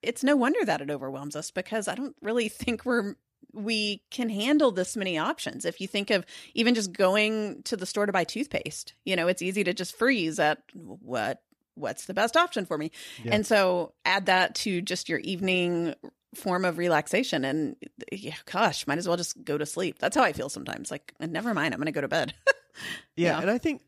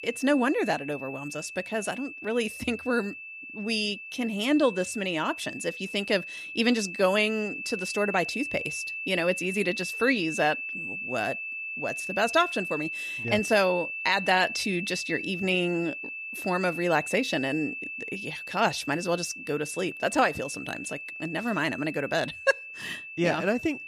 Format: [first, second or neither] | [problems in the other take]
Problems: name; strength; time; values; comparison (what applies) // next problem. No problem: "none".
first | high-pitched whine; loud; throughout; 2.5 kHz, 7 dB below the speech